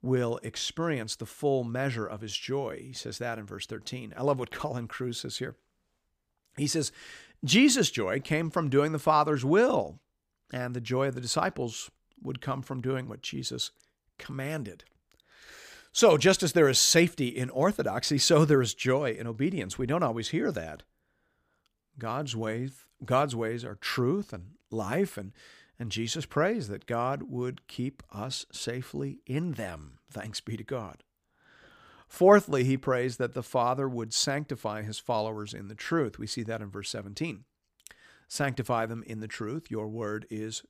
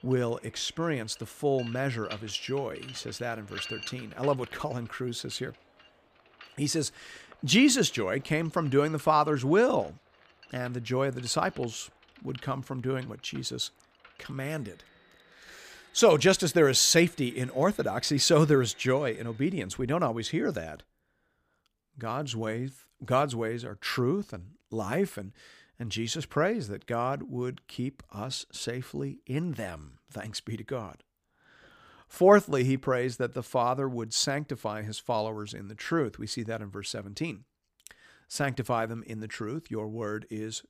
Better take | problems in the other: first | machinery noise; faint; until 19 s; 20 dB below the speech

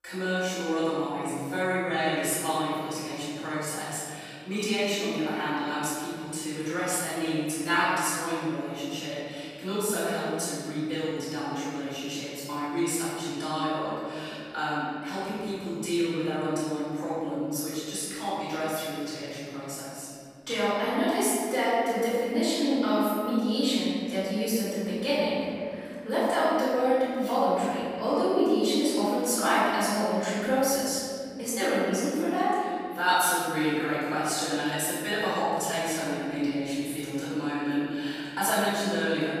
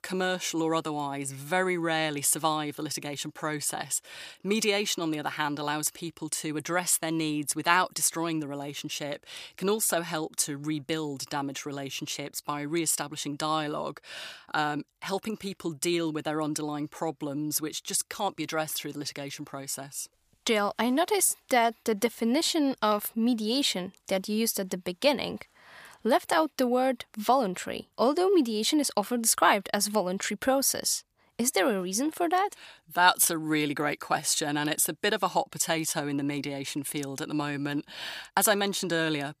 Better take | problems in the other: second | room echo; strong; dies away in 2.2 s // off-mic speech; far

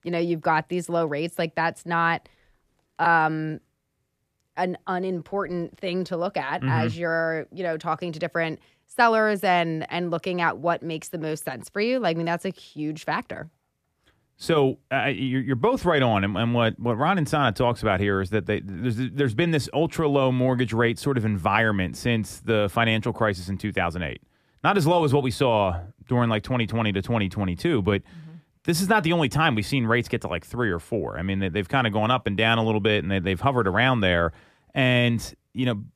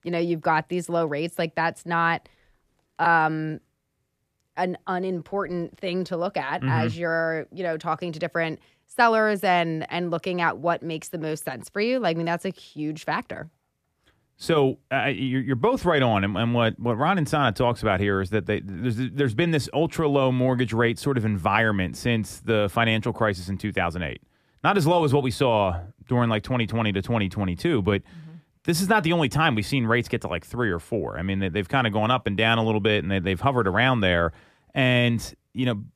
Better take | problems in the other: neither | none

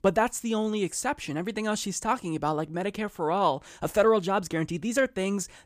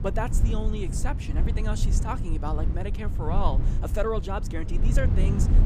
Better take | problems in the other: first | low rumble; loud; throughout; 8 dB below the speech

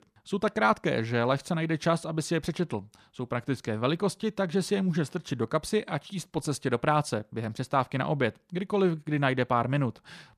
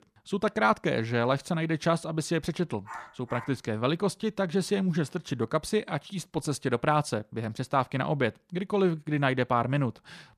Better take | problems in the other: first | dog barking; faint; at 3 s; peak 15 dB below the speech

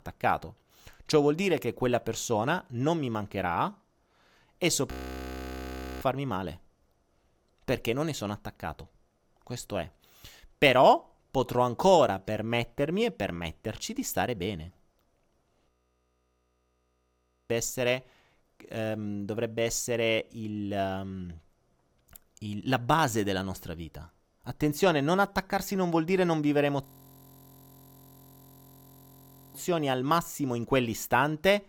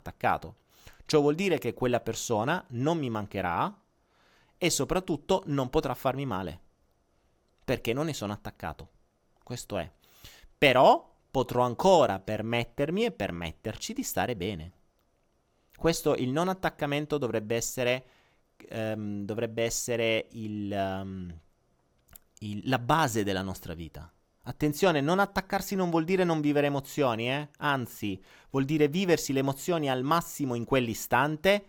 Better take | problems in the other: second | audio freezing; at 5 s for 1 s, at 16 s for 2 s and at 27 s for 2.5 s

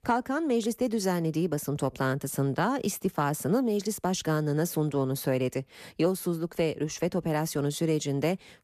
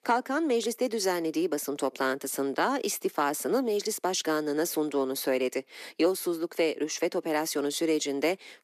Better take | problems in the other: first | thin; very slightly; fading below 300 Hz

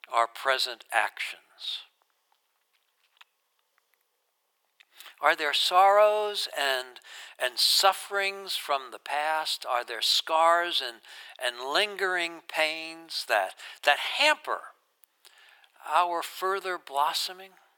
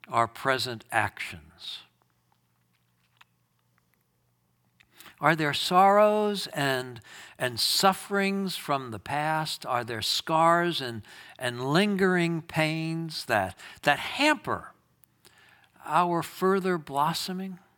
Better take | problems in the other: second | thin; very; fading below 500 Hz

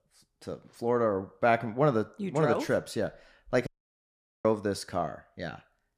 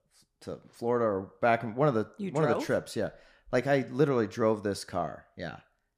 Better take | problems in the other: second | audio cutting out; at 3.5 s for 1 s

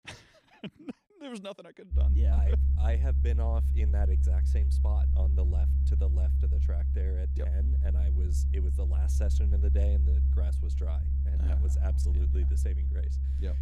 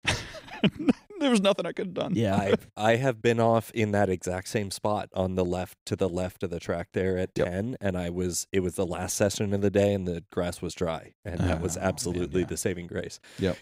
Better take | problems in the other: second | low rumble; loud; from 2 s on; 1 dB below the speech

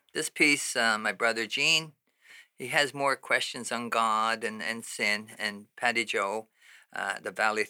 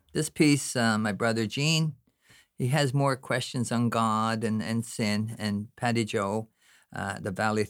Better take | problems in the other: second | thin; somewhat; fading below 450 Hz

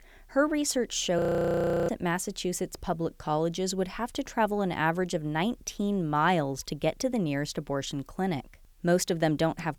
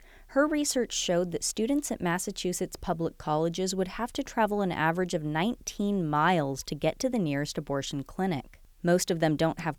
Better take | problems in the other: second | audio freezing; at 1 s for 0.5 s

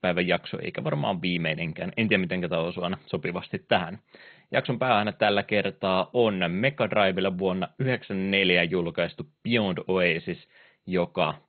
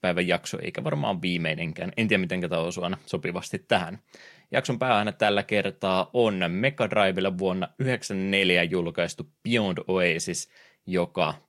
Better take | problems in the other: second | garbled, watery; badly; nothing above 3.5 kHz

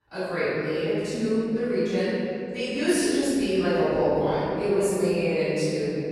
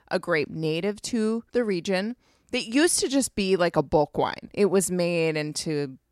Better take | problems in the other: second | room echo; strong; dies away in 3 s // off-mic speech; far

